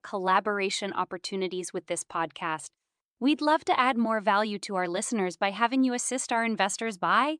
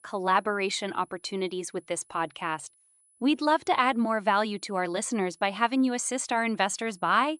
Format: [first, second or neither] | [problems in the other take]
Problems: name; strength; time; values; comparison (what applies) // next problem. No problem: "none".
first | high-pitched whine; faint; throughout; 10 kHz, 35 dB below the speech